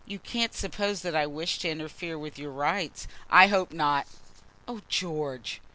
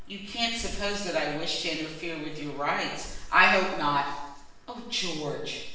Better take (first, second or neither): first